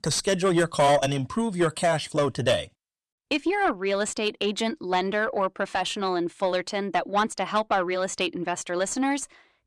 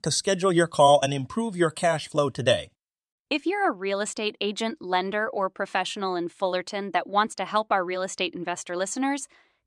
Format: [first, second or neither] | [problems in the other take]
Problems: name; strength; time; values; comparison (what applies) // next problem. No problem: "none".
second | distortion; slight; 10 dB below the speech